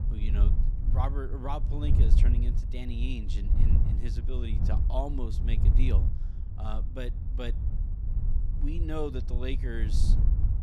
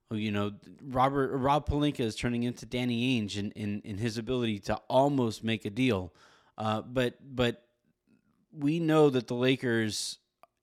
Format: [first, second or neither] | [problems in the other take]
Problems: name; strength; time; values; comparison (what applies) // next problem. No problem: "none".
second | wind noise on the microphone; heavy; 6 dB below the speech